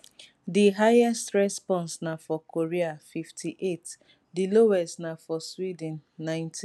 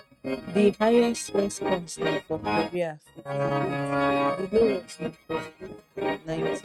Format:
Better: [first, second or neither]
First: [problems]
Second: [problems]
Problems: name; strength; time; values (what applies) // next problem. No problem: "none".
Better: first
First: none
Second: noise reduction (neural mask model RNNoise)